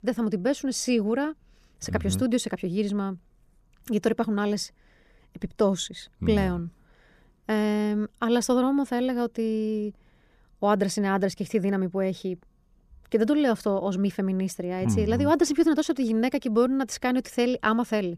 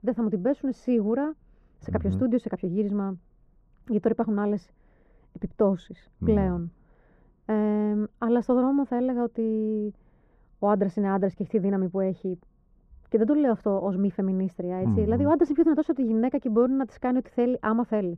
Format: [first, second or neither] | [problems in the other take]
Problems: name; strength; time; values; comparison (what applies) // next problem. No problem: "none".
first | muffled; very; fading above 2.5 kHz